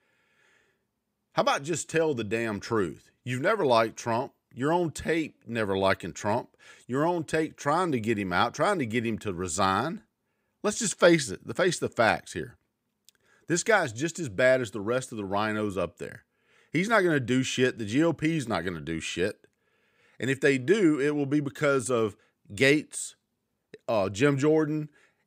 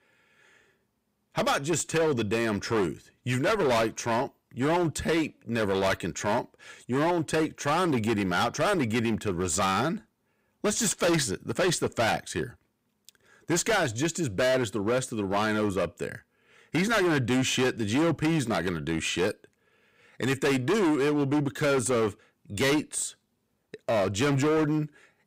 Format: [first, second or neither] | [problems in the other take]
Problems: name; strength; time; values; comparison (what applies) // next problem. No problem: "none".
first | distortion; heavy; 15% of the sound clipped